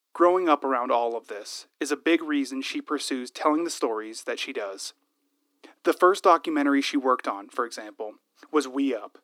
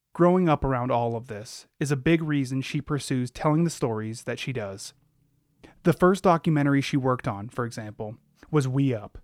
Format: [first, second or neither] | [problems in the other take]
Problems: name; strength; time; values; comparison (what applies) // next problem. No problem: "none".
second | thin; somewhat; fading below 250 Hz